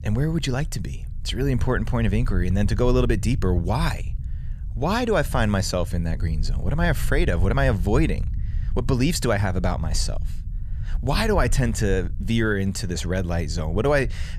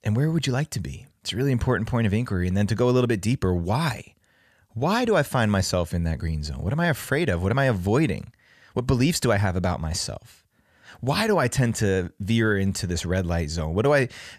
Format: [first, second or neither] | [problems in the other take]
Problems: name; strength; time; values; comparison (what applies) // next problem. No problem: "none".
second | low rumble; faint; throughout; 20 dB below the speech